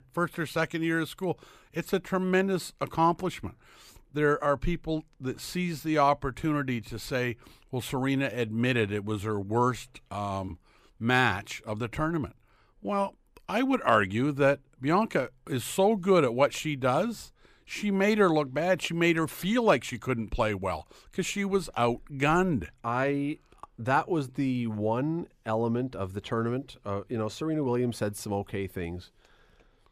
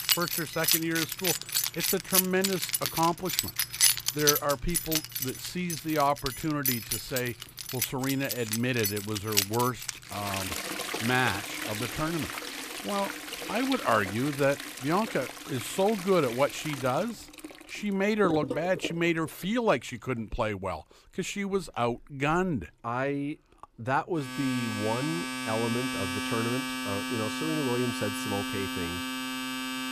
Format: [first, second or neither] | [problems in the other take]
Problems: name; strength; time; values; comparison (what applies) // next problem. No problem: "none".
first | household noises; loud; throughout; as loud as the speech